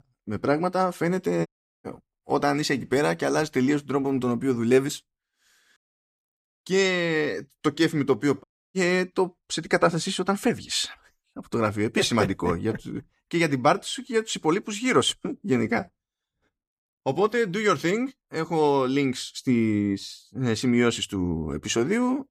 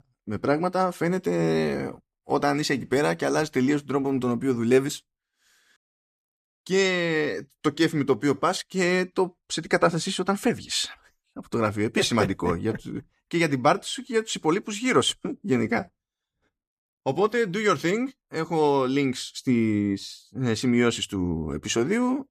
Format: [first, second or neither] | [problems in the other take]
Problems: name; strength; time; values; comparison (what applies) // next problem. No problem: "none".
second | audio cutting out; at 1.5 s and at 8.5 s